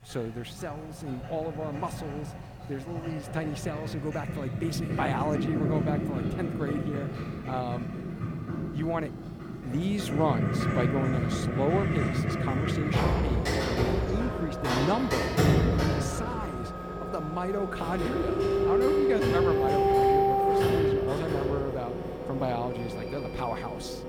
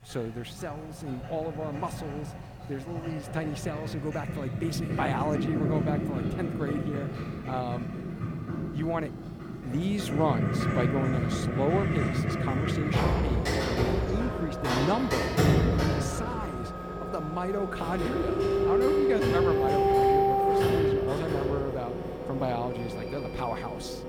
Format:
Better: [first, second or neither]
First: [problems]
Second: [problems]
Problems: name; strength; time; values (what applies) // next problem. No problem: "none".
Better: neither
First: household noises; very loud; throughout; 5 dB above the speech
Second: household noises; very loud; throughout; 5 dB above the speech